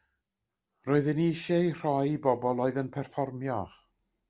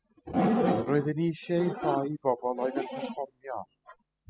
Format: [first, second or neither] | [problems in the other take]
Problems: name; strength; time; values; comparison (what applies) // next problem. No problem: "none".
first | noise reduction (classical method spectral subtraction)